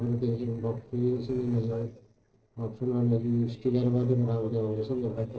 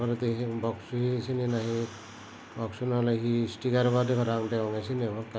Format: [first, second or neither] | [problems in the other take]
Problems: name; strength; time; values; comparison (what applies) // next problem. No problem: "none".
second | noise reduction (neural separator model SepFormer DNS4)